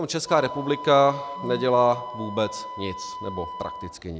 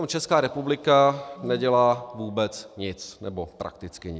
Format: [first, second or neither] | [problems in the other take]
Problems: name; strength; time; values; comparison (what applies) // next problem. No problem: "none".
second | background sound (Wind instrument, woodwind instrument); 12 dB below the speech